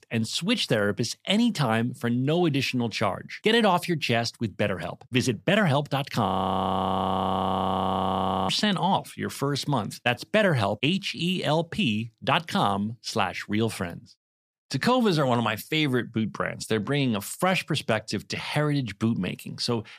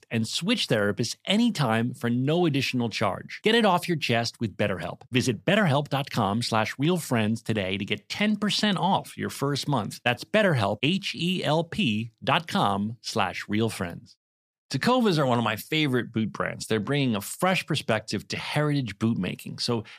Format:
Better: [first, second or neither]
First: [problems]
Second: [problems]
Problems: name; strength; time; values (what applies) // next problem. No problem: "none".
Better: second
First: audio freezing; at 6.5 s for 2 s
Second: none